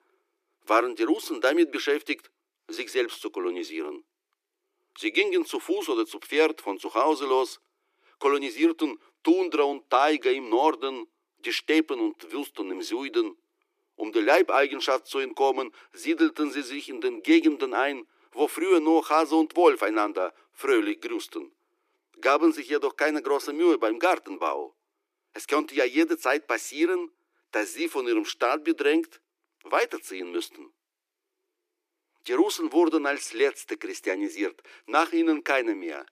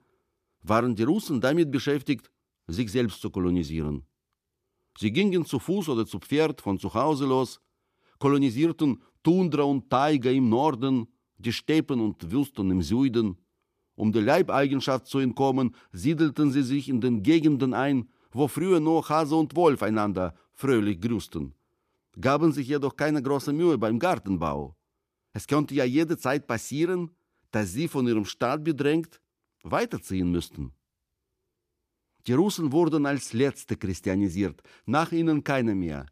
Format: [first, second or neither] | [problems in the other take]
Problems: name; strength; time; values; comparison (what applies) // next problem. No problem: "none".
second | thin; very; fading below 300 Hz